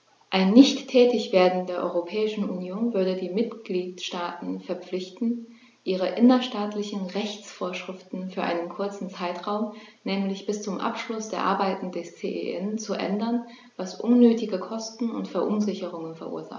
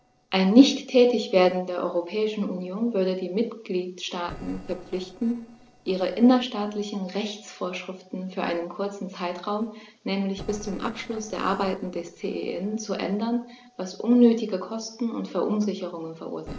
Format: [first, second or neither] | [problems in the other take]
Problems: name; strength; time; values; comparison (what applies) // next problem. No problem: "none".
first | noise reduction (neural separator model SepFormer DNS4)